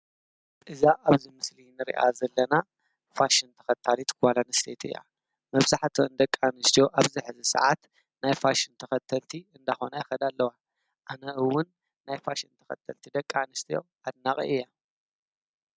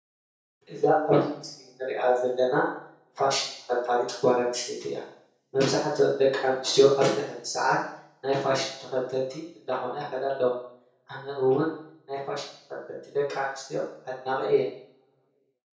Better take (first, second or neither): first